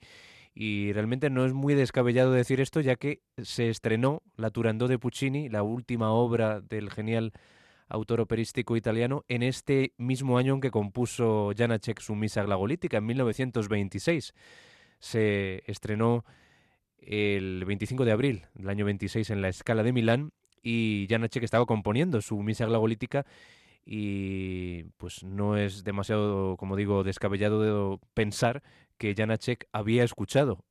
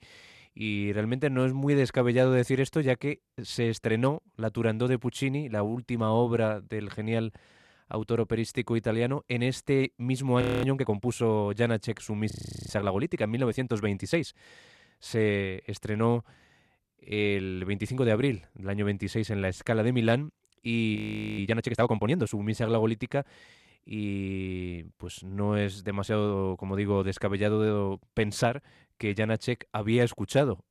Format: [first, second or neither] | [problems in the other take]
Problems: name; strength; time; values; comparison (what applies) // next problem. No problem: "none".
first | audio freezing; at 10 s, at 12 s and at 21 s